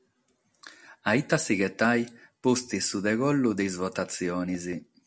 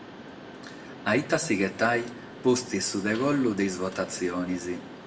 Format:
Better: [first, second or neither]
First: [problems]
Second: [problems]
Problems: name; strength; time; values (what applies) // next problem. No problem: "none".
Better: first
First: none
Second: background sound (Mechanisms); 15 dB below the speech // room echo; dies away in 0.6 s